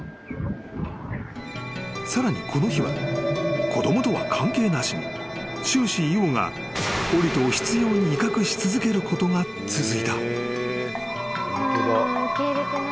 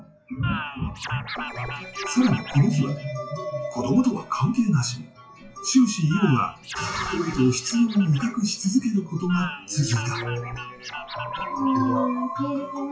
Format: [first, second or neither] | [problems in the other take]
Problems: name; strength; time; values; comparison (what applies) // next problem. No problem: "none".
first | noise reduction (classical method WPE with log-MMSE)